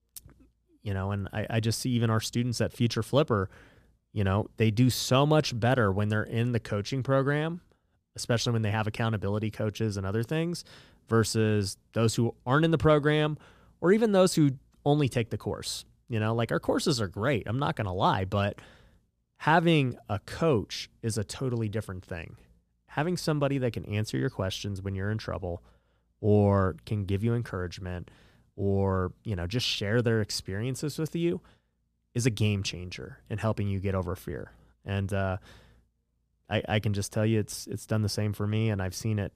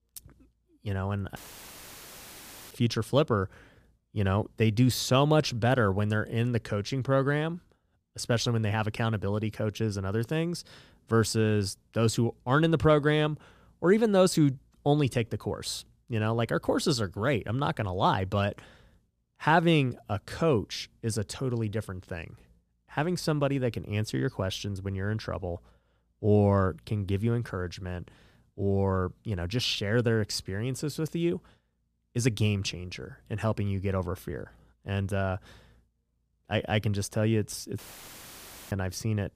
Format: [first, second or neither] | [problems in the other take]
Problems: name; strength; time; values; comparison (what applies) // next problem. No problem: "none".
first | audio cutting out; filled with static; at 1.5 s for 1.5 s and at 38 s for 1 s